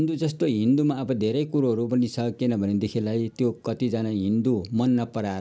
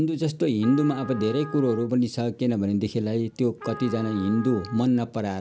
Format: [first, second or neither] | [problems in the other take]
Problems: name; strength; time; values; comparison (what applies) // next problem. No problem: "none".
first | background sound (Trumpet); 17 dB below the speech